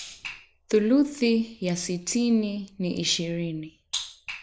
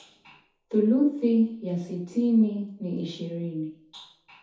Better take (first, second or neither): first